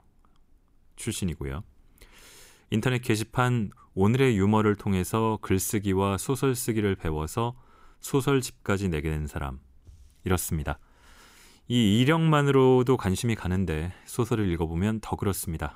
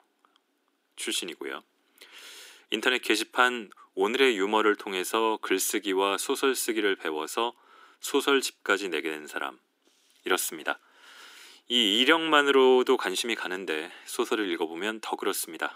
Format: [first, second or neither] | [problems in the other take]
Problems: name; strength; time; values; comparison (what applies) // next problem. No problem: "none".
first | thin; somewhat; fading below 300 Hz